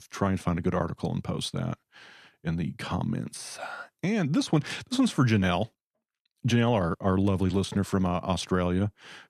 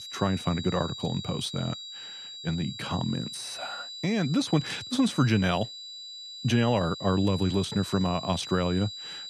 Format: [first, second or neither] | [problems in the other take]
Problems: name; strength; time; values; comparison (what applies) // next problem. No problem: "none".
first | high-pitched whine; loud; throughout; 4 kHz, 10 dB below the speech